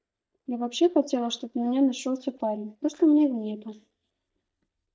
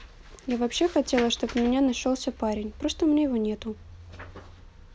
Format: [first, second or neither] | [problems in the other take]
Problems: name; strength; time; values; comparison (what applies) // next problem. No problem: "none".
second | noise reduction (neural mask model DeepFilterNet 3)